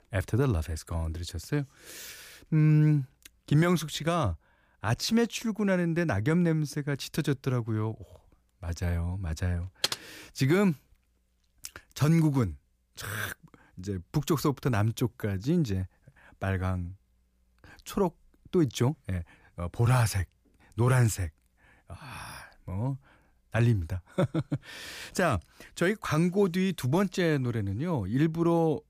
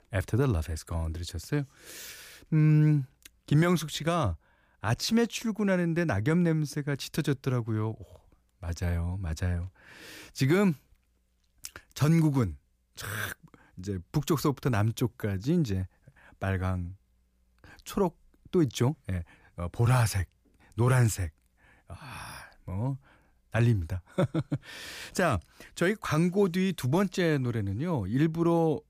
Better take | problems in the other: second | keyboard typing; noticeable; at 10 s; peak 2 dB below the speech

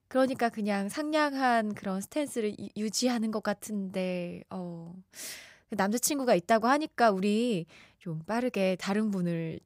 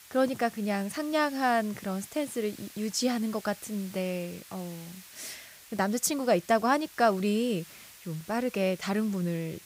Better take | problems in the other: first | hiss; noticeable; throughout; 20 dB below the speech

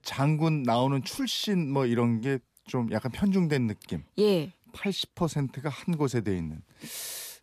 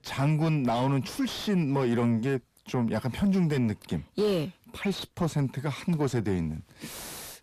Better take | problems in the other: first | distortion; slight; 10 dB below the speech

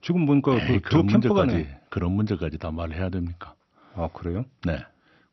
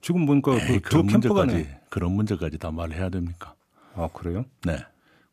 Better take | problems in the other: second | garbled, watery; slightly; nothing above 6 kHz

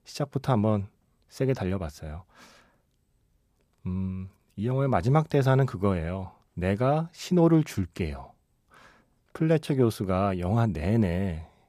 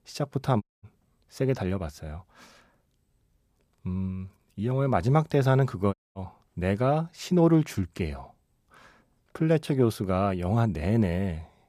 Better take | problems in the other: first | audio cutting out; at 0.5 s and at 6 s

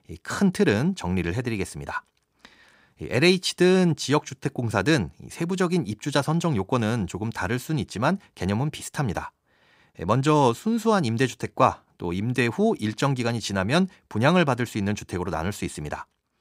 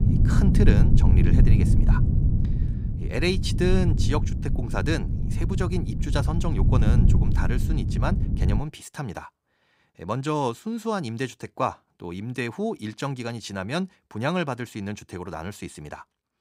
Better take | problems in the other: first | low rumble; loud; until 8.5 s; 4 dB below the speech

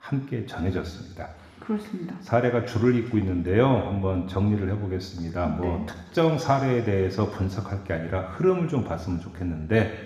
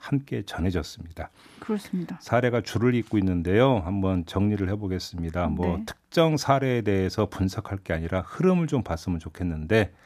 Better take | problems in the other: second | room echo; slight; dies away in 1.7 s // off-mic speech; somewhat distant

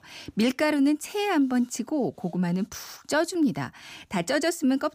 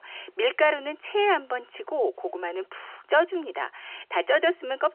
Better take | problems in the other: first | phone-call audio; nothing above 3 kHz

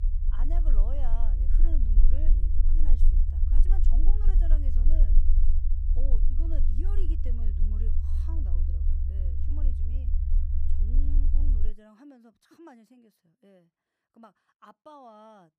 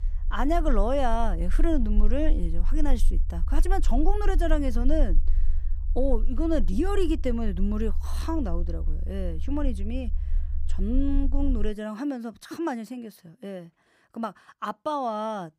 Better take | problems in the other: second | low rumble; loud; until 12 s; as loud as the speech; faint in the second

